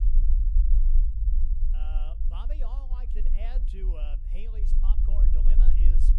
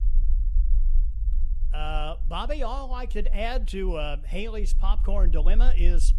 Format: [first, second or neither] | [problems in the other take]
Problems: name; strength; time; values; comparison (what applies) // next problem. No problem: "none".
second | low rumble; loud; throughout; 3 dB below the speech; faint in the second